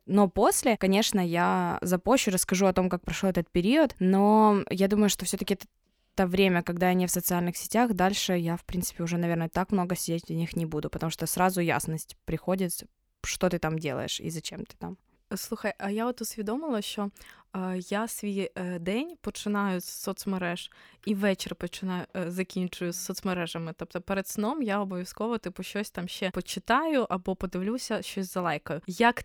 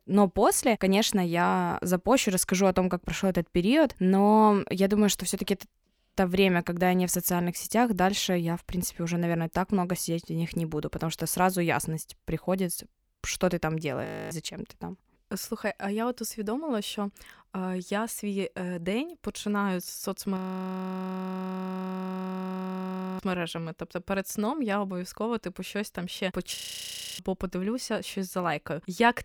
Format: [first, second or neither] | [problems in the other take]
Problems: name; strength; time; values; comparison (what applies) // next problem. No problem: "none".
first | audio freezing; at 14 s, at 20 s for 3 s and at 27 s for 0.5 s